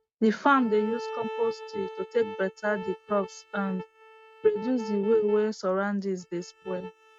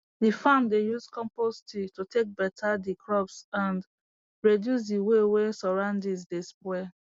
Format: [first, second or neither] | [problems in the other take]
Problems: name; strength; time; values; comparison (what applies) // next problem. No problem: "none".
second | noise reduction (neural mask model RNNoise)